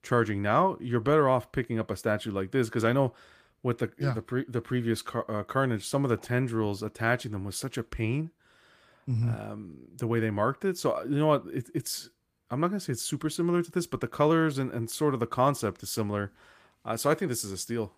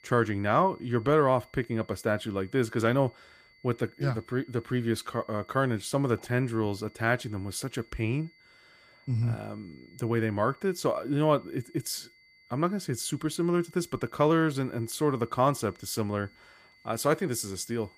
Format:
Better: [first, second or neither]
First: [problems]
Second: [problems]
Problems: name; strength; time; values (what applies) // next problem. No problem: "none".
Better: first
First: none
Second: high-pitched whine; faint; throughout; 2 kHz, 30 dB below the speech